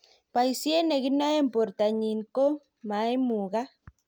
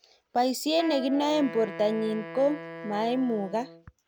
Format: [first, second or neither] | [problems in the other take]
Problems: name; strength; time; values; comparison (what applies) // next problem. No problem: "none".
first | background sound (Wind instrument, woodwind instrument); 13 dB below the speech